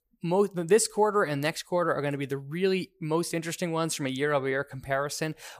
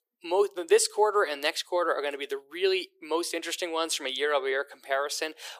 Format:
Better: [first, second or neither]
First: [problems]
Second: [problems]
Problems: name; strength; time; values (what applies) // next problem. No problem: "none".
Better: first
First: none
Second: thin; very; fading below 350 Hz